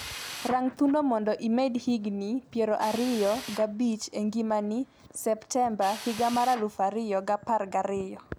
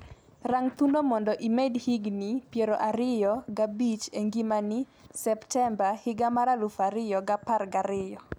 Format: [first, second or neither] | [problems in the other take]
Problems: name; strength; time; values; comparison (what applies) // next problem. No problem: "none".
second | background sound (Drill); 17 dB below the speech